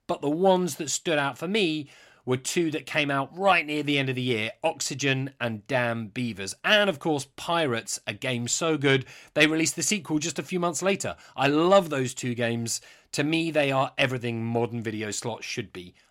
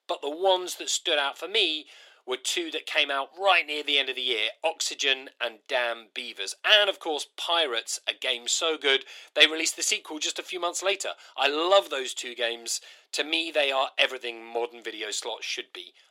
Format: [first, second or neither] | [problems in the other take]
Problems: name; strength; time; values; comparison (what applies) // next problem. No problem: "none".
first | thin; very; fading below 400 Hz